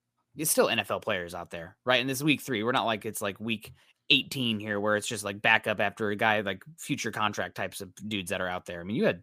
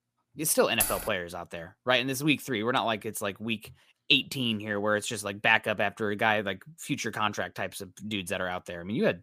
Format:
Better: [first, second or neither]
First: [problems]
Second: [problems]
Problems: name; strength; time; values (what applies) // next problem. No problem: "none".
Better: first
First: none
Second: jangling keys; noticeable; at 1 s; peak 1 dB below the speech